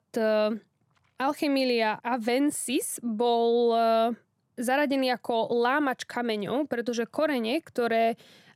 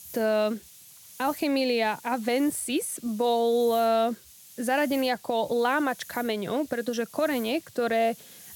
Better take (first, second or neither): first